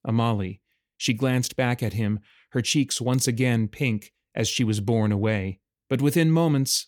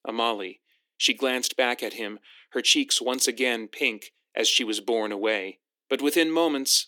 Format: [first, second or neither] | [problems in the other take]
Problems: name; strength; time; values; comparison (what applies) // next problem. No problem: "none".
first | thin; somewhat; fading below 300 Hz